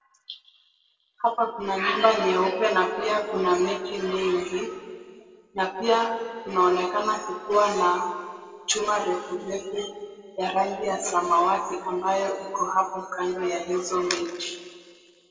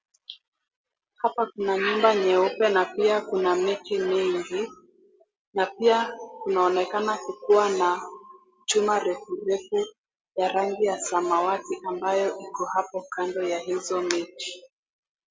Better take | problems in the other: second | room echo; dies away in 1.7 s

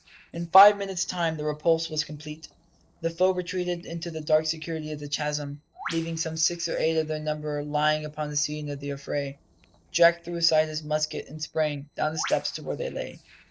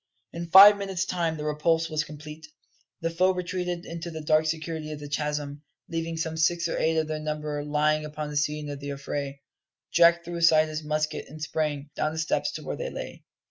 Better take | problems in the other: second | noise reduction (neural separator model SepFormer DNS4)

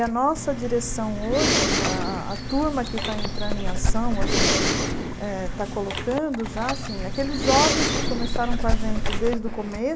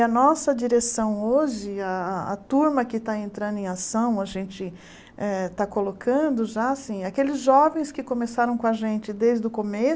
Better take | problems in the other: second | background sound (Dog + Respiratory sounds); 3 dB above the speech

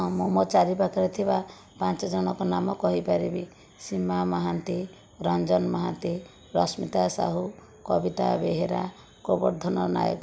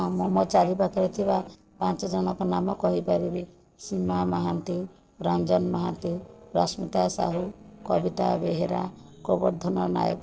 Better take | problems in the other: first | noise reduction (neural separator model SepFormer DNS4)

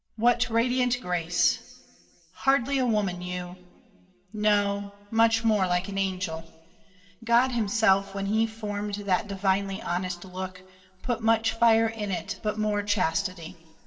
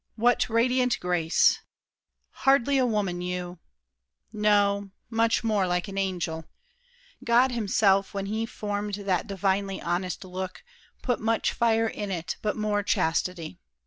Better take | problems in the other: second | room echo; dies away in 2.3 s

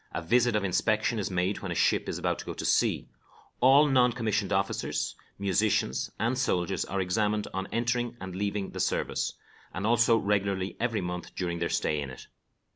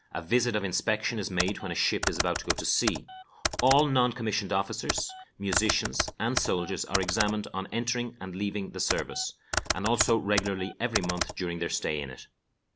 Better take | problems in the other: first | background sound (Computer keyboard); 4 dB below the speech

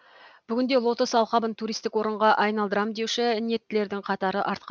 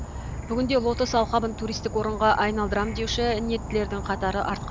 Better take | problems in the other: first | background sound (Insect / Frog); 8 dB below the speech

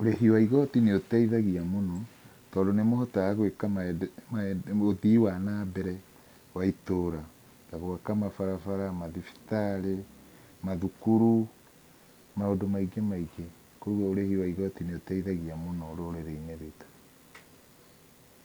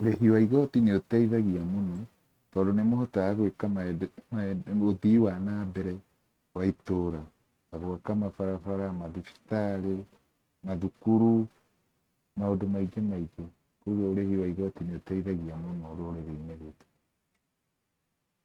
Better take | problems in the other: first | noise reduction (neural mask model RNNoise)

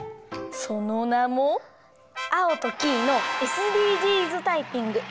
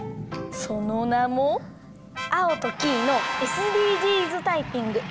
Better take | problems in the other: first | background sound (Rain / Thunderstorm); 15 dB below the speech

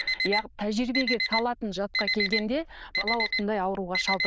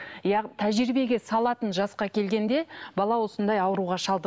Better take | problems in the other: second | noise reduction (neural diffusion model UNIVERSE++)

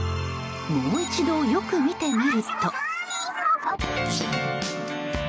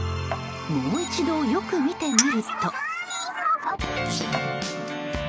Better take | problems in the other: first | background sound (Chink, clink); 9 dB below the speech

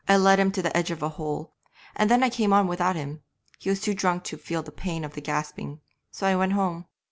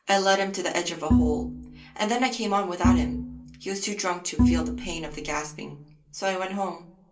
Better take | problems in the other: first | background sound (Bowed string instrument); 2 dB above the speech // room echo; dies away in 0.3 s

